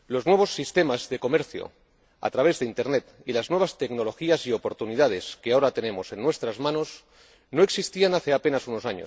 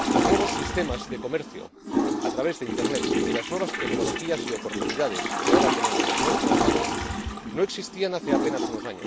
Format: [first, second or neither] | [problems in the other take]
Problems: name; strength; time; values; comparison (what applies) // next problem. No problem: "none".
first | background sound (Toilet flush / Water); 4 dB above the speech